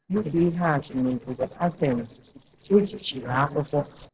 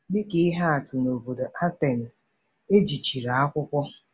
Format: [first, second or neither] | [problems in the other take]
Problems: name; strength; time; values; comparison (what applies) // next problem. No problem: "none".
second | noise reduction (neural separator model SepFormer DNS4)